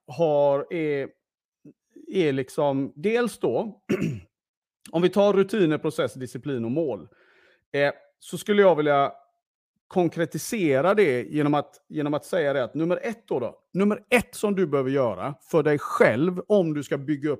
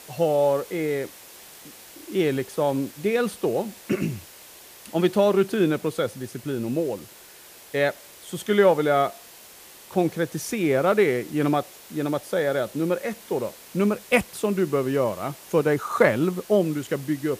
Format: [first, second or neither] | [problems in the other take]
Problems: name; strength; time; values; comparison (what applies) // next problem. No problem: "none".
first | hiss; noticeable; throughout; 20 dB below the speech